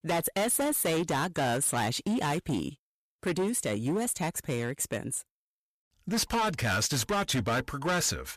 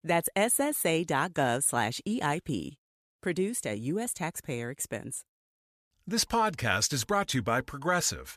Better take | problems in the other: second | distortion; heavy; 17% of the sound clipped

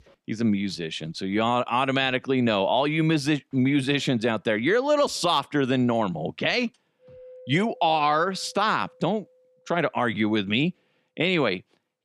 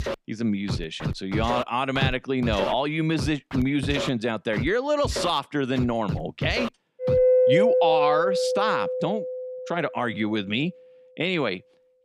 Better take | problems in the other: first | background music; loud; throughout; as loud as the speech; faint in the first

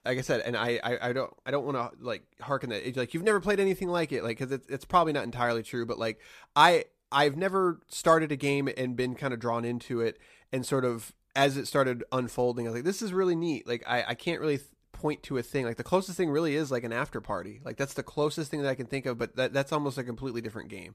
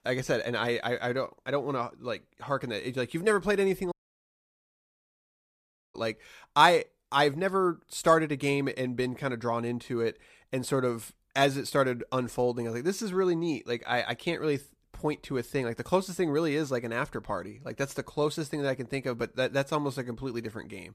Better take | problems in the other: first | audio cutting out; at 4 s for 2 s

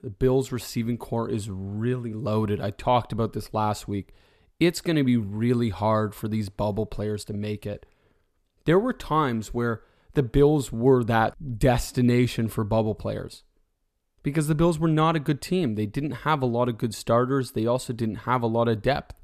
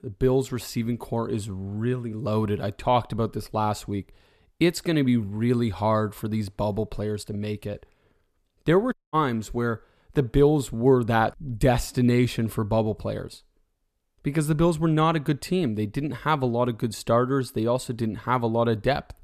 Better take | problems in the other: first | audio cutting out; at 9 s

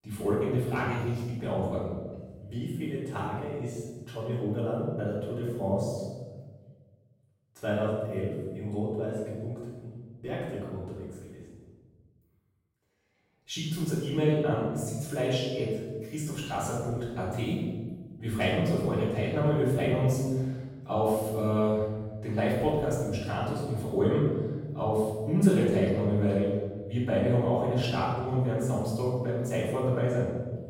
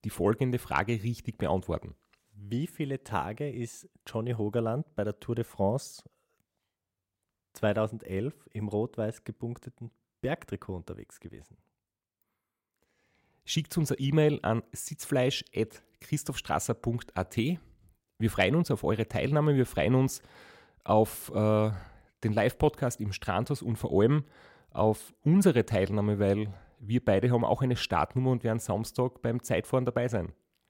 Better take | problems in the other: second | off-mic speech; far // room echo; strong; dies away in 1.3 s

